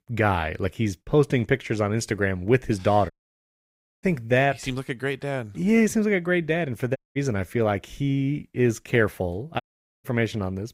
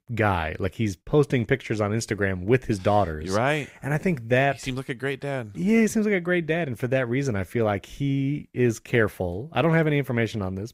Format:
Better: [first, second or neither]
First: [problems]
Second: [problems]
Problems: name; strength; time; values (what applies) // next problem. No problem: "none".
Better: second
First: audio cutting out; at 3 s for 1 s, at 7 s and at 9.5 s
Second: none